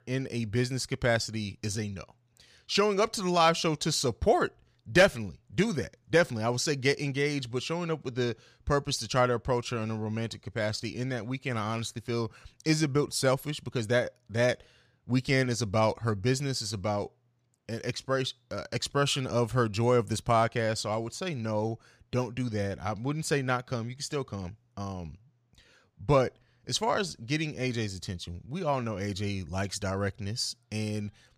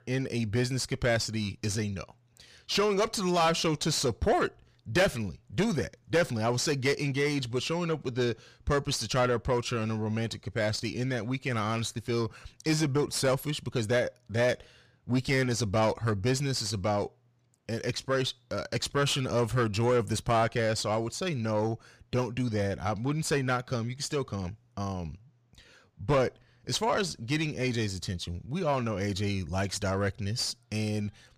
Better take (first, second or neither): first